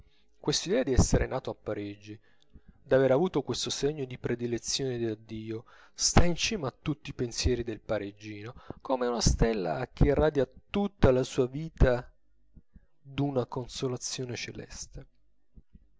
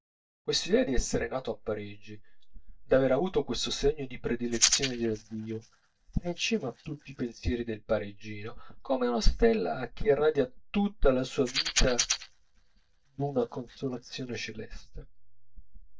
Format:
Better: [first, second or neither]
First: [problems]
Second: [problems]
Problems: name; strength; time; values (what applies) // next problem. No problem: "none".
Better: first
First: none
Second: noise reduction (neural mask model DeepFilterNet 3)